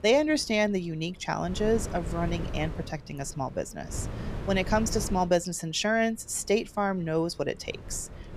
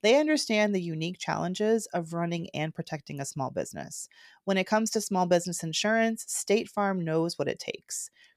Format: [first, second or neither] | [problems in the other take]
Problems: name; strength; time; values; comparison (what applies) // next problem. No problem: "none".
second | wind noise on the microphone; occasional gusts; 15 dB below the speech